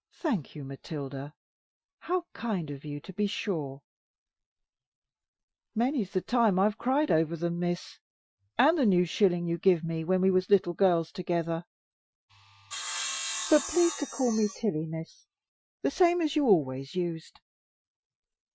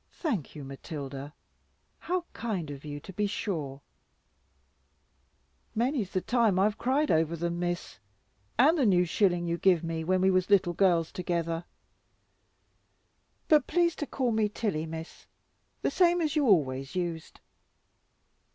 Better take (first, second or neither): second